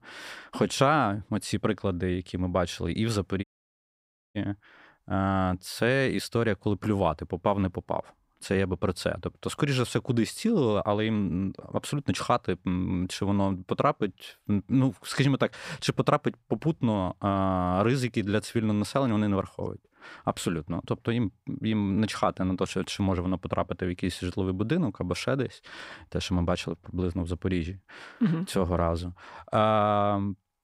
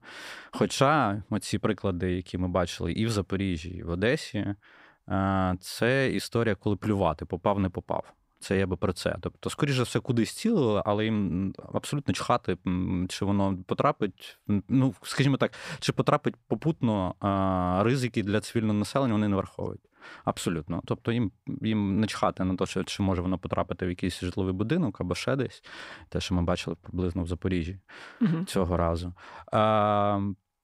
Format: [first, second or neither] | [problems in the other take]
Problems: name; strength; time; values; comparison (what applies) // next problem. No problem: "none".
second | audio cutting out; at 3.5 s for 1 s